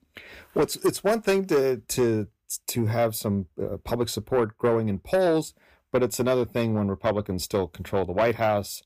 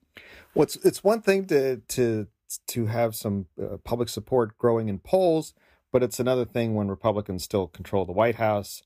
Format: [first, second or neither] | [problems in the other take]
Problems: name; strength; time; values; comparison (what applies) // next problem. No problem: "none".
second | distortion; slight; 10 dB below the speech